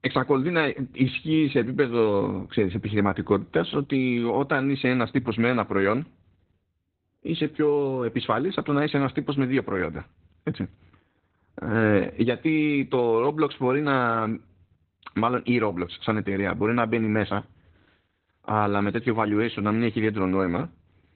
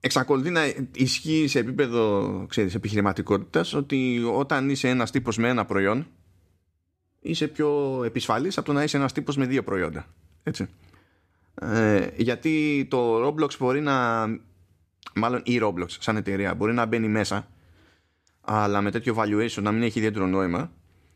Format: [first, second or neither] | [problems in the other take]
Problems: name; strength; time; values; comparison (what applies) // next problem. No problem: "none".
second | garbled, watery; badly; nothing above 4 kHz